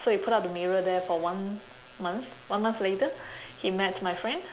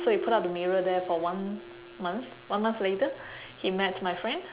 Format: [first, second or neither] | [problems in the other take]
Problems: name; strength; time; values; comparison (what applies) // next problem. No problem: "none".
first | background sound (Keyboard (musical)); 13 dB below the speech